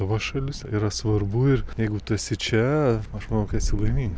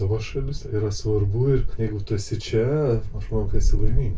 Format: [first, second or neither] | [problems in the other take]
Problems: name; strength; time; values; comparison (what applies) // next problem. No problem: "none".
first | room echo; dies away in 0.2 s